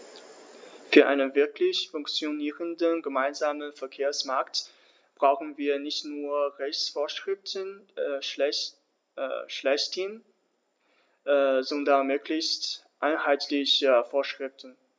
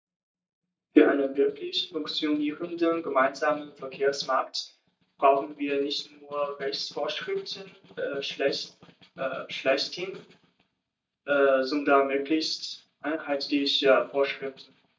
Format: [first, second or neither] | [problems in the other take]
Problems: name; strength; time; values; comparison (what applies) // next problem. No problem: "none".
first | noise reduction (neural mask model DeepFilterNet 3)